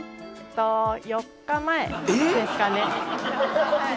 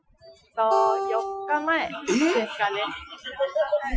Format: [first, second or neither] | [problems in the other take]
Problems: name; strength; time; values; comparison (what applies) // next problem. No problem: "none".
first | noise reduction (classical method Wiener filter)